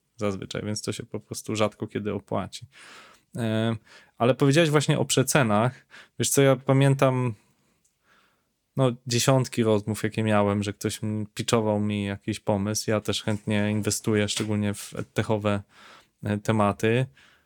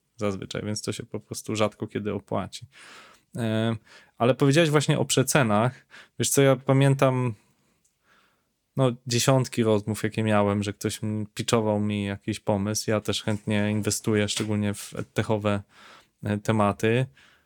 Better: neither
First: none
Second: none

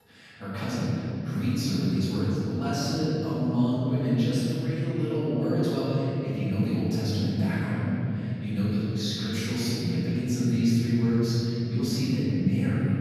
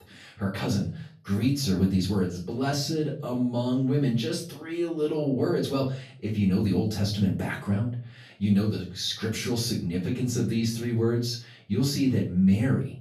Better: second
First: room echo; strong; dies away in 3 s // off-mic speech; far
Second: room echo; slight; dies away in 0.4 s // off-mic speech; far

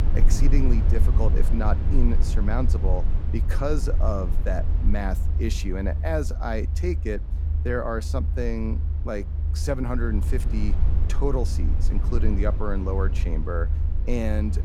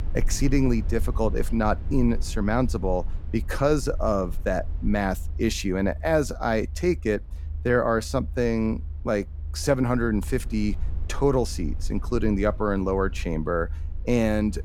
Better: second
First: low rumble; loud; throughout; 10 dB below the speech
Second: low rumble; faint; throughout; 25 dB below the speech

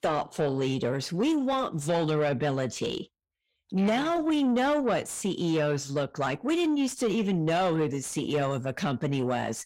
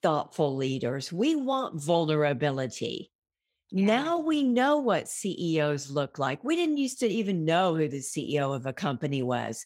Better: second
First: distortion; slight; 10 dB below the speech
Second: none

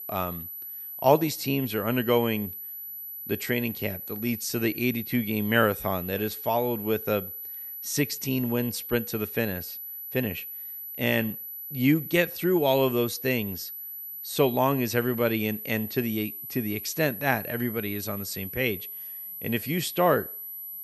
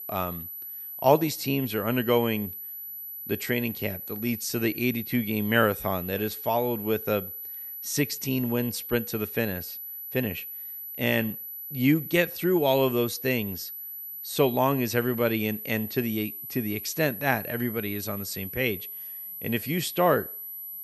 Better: neither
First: high-pitched whine; loud; throughout; 12 kHz, 8 dB below the speech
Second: high-pitched whine; loud; throughout; 12 kHz, 8 dB below the speech

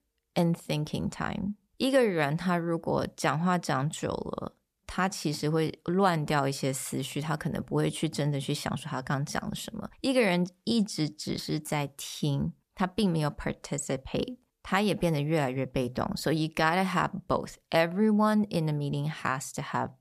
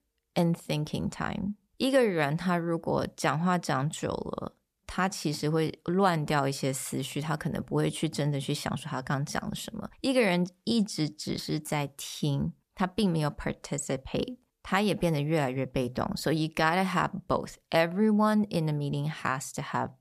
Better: neither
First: none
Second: none

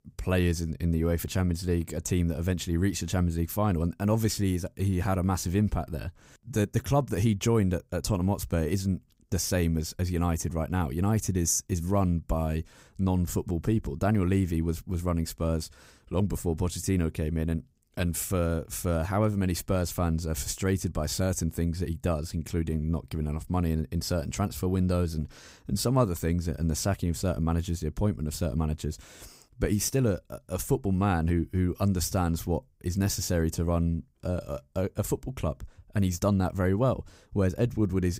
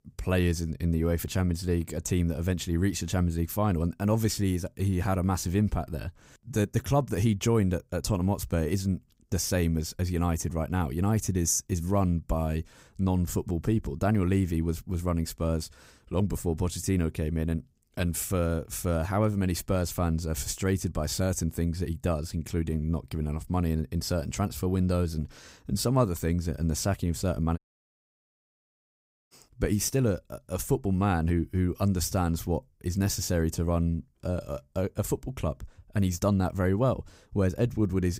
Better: first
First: none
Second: audio cutting out; at 28 s for 1.5 s

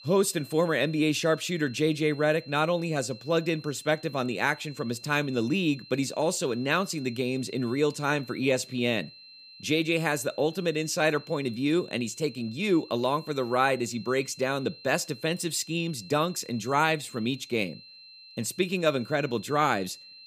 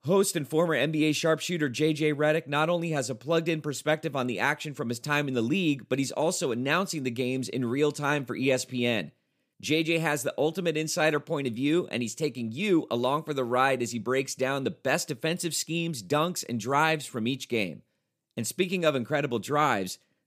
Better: second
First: high-pitched whine; noticeable; throughout; 4 kHz, 20 dB below the speech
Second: none

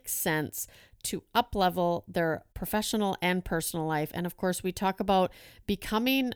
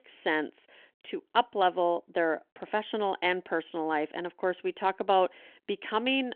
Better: first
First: none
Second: phone-call audio

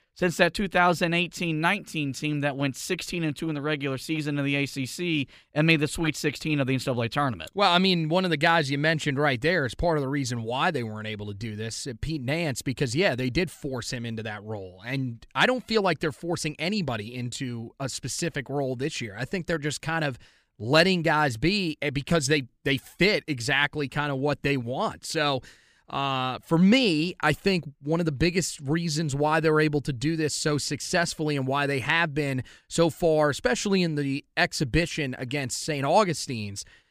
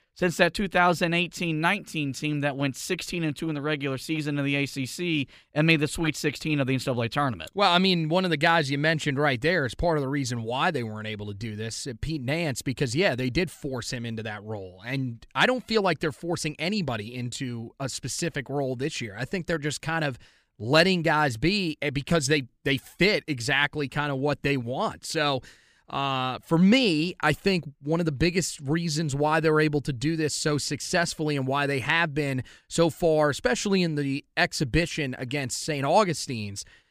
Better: neither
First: none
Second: none

